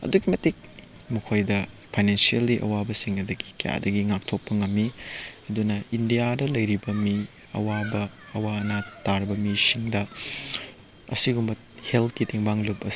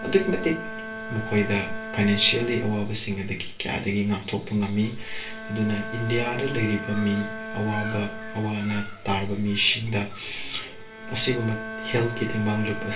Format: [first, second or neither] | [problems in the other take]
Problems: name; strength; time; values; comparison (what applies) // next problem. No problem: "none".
first | background sound (Bowed string instrument); 11 dB below the speech // room echo; dies away in 0.3 s